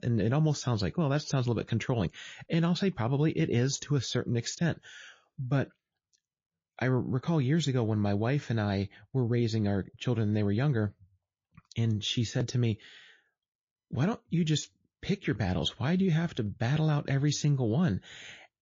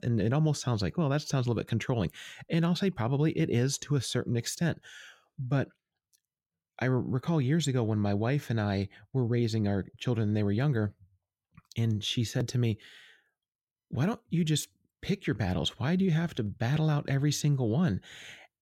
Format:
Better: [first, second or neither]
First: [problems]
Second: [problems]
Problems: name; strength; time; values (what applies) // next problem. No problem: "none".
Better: second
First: garbled, watery; slightly; nothing above 6.5 kHz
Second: none